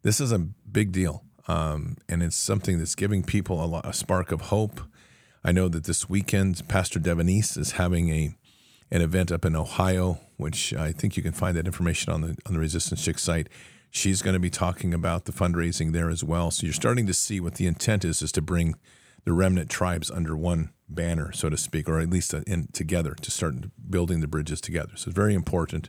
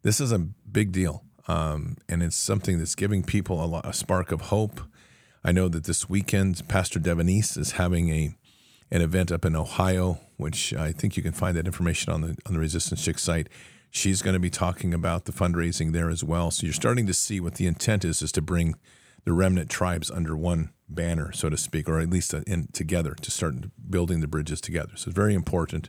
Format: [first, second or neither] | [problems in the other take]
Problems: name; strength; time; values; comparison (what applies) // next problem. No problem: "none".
neither | none